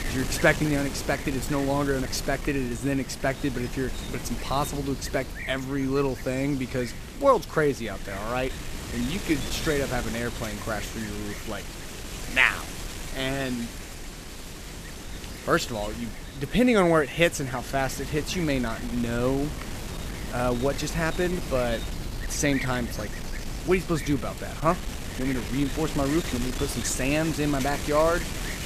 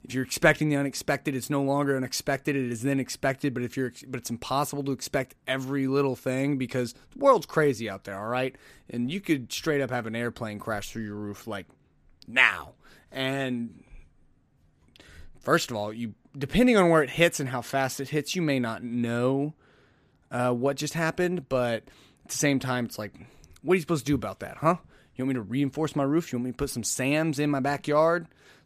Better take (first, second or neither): second